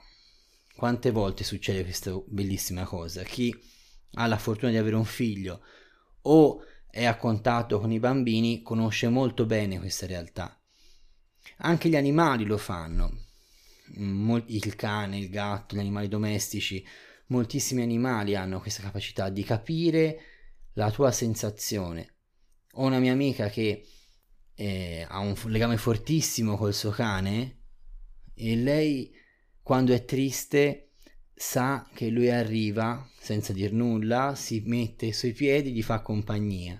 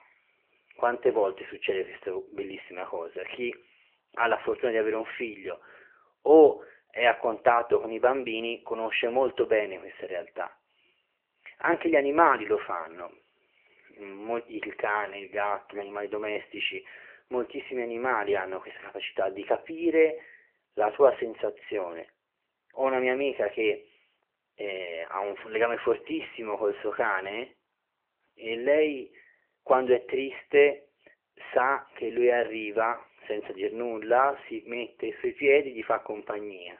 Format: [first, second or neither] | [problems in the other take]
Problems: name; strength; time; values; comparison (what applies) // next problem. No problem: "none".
first | phone-call audio; nothing above 3 kHz